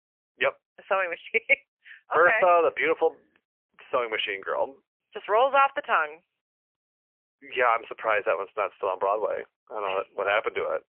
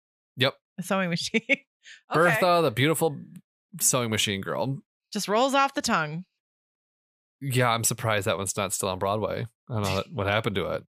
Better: second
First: phone-call audio; poor line; nothing above 3 kHz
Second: none

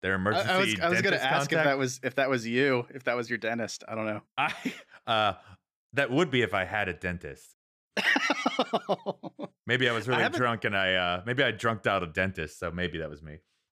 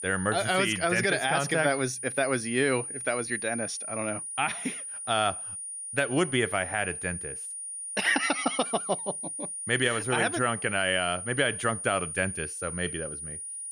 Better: first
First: none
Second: high-pitched whine; loud; throughout; 9.5 kHz, 6 dB below the speech

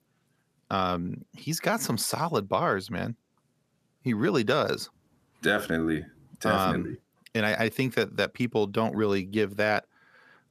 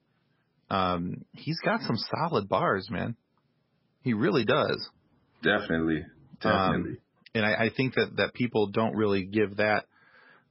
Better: first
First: none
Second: garbled, watery; badly; nothing above 5.5 kHz

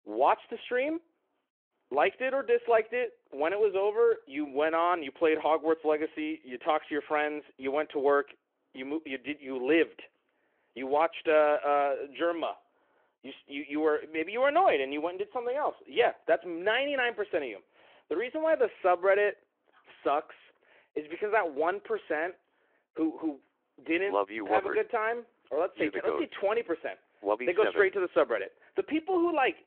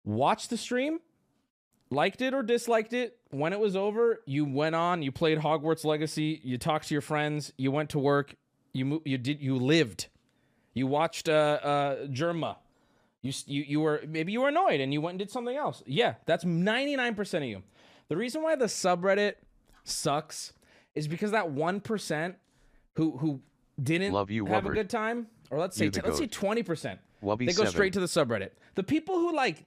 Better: second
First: phone-call audio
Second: none

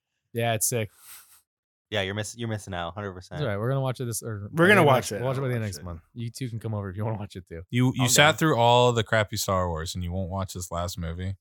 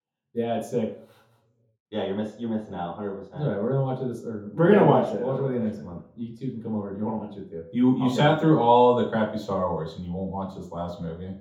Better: first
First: none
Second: room echo; noticeable; dies away in 0.5 s // off-mic speech; far

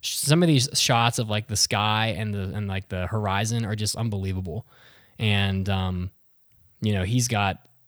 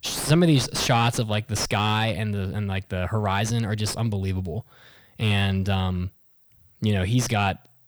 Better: first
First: none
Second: distortion; slight; 9 dB below the speech

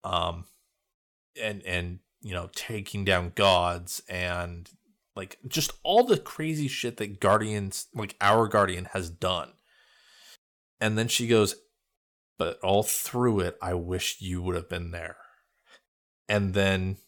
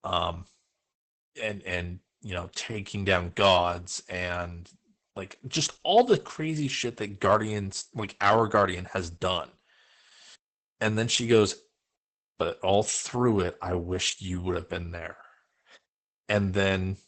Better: first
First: none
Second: garbled, watery; badly; nothing above 8 kHz

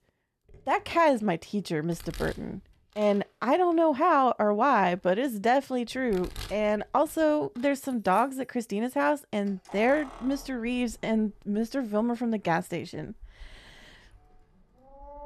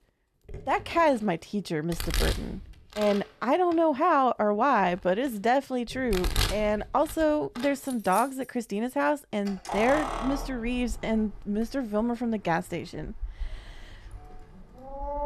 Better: first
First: household noises; faint; throughout; 20 dB below the speech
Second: household noises; loud; throughout; 9 dB below the speech

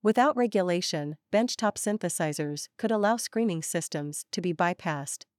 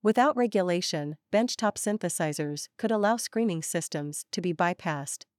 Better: neither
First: none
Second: none

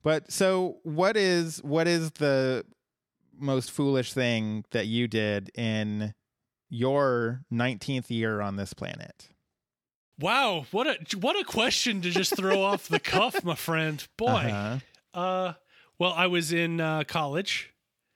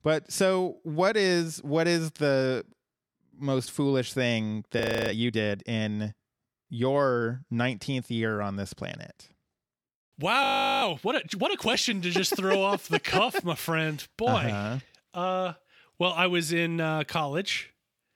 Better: first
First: none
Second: audio freezing; at 5 s and at 10 s

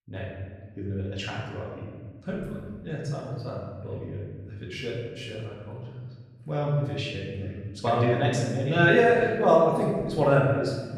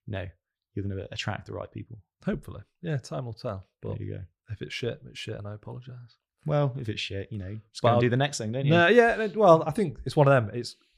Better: second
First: off-mic speech; far // room echo; noticeable; dies away in 1.3 s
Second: none

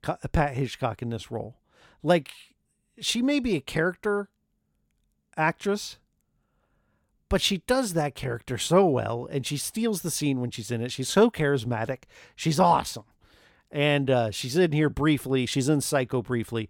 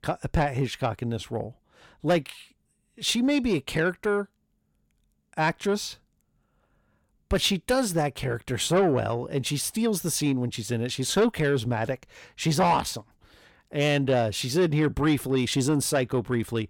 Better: first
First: none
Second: distortion; slight; 10 dB below the speech

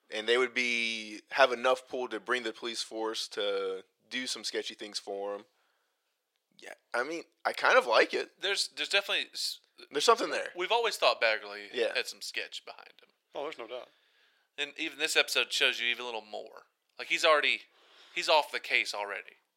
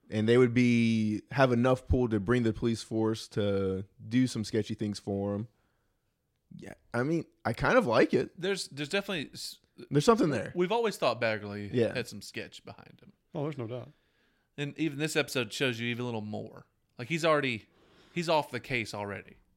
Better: second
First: thin; very; fading below 500 Hz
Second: none

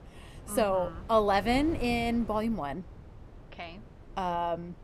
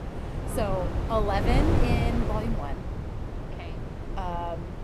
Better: first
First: wind noise on the microphone; occasional gusts; 20 dB below the speech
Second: wind noise on the microphone; heavy; 5 dB below the speech

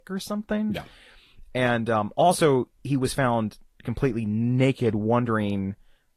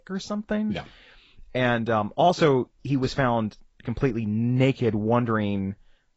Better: first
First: garbled, watery; slightly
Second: garbled, watery; badly; nothing above 7.5 kHz

